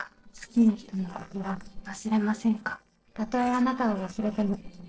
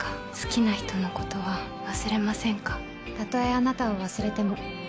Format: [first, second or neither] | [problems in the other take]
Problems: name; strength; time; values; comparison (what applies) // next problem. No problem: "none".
second | noise reduction (neural separator model SepFormer DNS4)